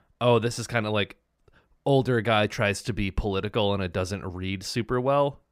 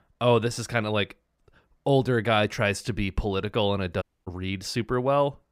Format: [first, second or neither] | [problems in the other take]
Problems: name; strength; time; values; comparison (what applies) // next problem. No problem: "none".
first | audio cutting out; at 4 s